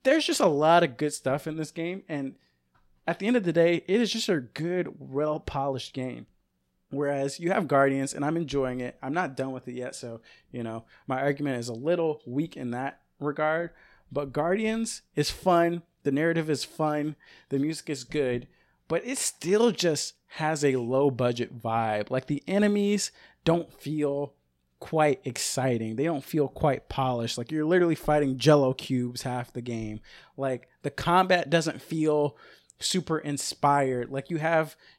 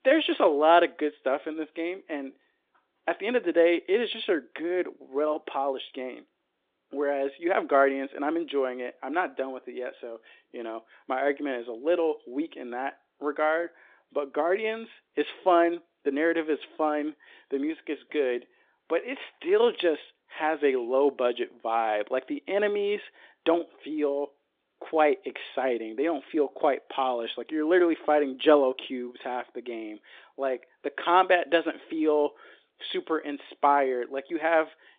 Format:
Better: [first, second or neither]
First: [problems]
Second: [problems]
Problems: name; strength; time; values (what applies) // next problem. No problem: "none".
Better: first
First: none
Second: phone-call audio; nothing above 3.5 kHz